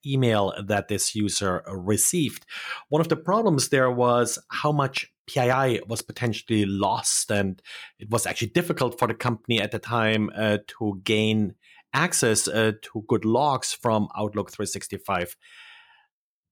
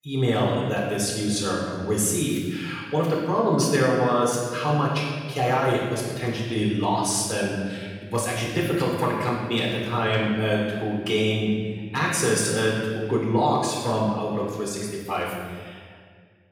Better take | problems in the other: first | room echo; noticeable; dies away in 1.6 s // off-mic speech; far

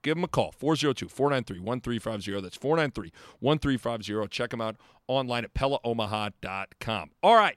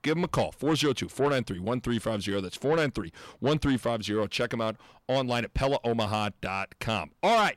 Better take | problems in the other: first | distortion; heavy; 8 dB below the speech

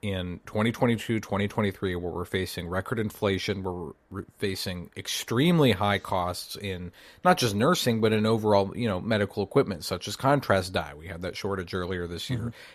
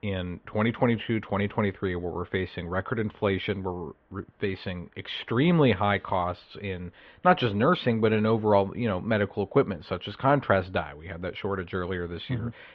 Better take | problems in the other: first | muffled; very; fading above 3 kHz

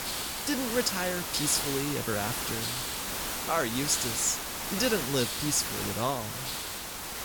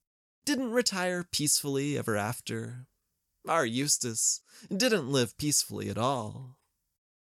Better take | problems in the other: second | hiss; loud; throughout; 2 dB below the speech

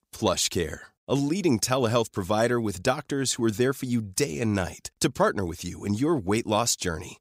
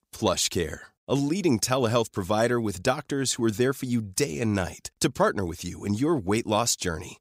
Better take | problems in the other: neither | none

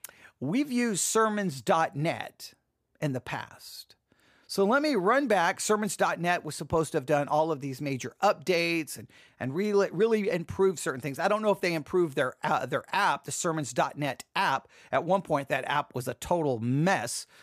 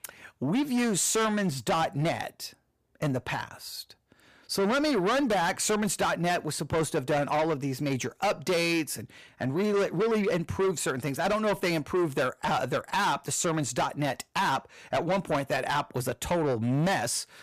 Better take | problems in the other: first | distortion; heavy; 7 dB below the speech

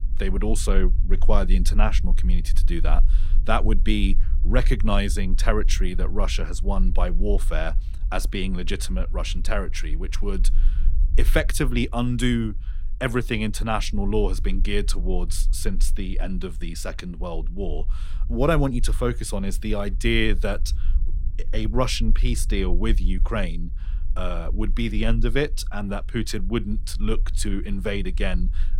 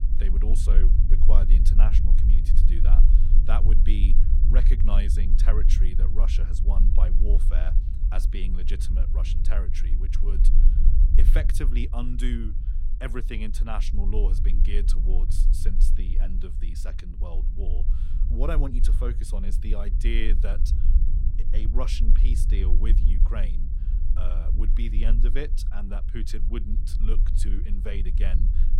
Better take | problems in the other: first | low rumble; loud; throughout; 7 dB below the speech; faint in the first

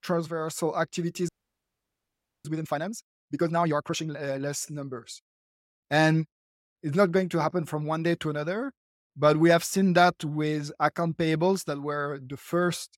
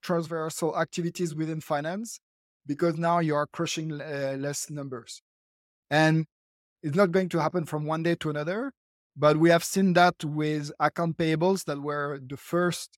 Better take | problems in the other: second | audio freezing; at 1.5 s for 1 s

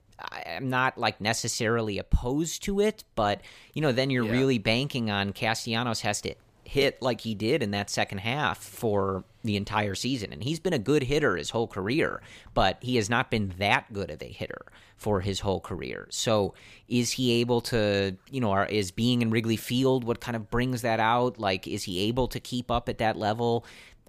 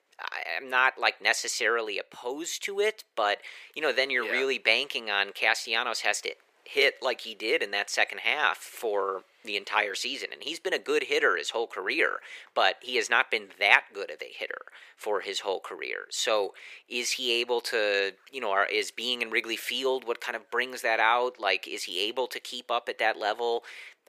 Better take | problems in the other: first | thin; very; fading below 400 Hz

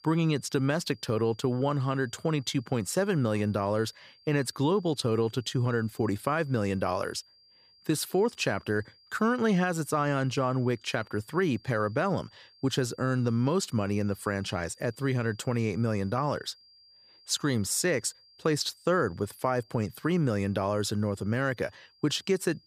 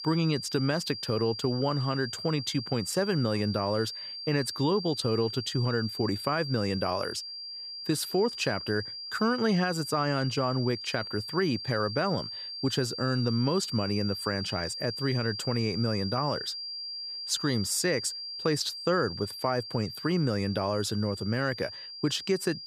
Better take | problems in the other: first | high-pitched whine; loud; throughout; 4.5 kHz, 7 dB below the speech; faint in the first

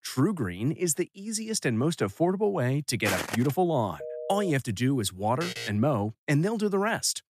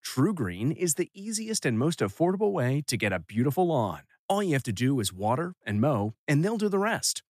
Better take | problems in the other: second | footsteps; noticeable; at 3 s; peak 3 dB below the speech // phone ringing; noticeable; at 4 s; peak 9 dB below the speech // alarm; noticeable; at 5.5 s; peak 7 dB below the speech

